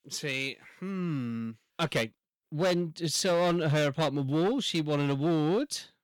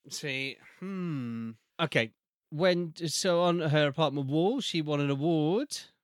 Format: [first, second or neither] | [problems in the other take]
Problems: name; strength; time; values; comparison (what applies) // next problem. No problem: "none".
second | distortion; slight; 9% of the sound clipped